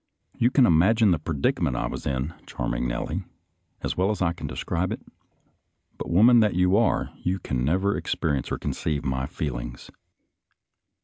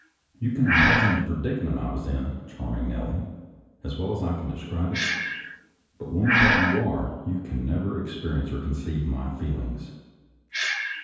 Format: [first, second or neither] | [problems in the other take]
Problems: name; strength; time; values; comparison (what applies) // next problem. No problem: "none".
first | background sound (Breathing); 3 dB below the speech // room echo; dies away in 1.2 s